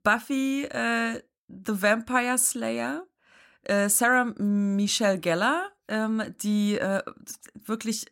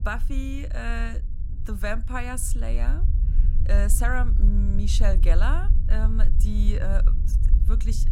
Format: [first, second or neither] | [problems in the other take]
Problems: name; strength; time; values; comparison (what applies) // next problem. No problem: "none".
first | low rumble; noticeable; throughout; 10 dB below the speech